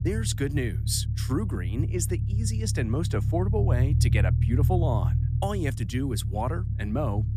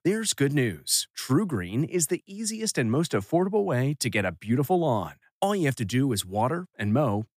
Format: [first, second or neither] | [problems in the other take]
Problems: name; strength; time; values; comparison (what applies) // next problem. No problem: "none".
second | low rumble; loud; throughout; 8 dB below the speech